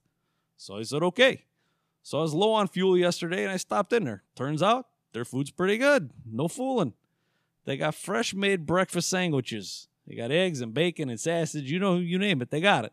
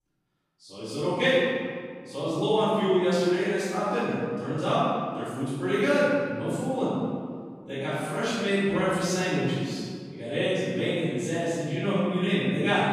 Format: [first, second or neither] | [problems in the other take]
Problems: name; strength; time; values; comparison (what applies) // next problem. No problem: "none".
first | off-mic speech; far // room echo; strong; dies away in 1.8 s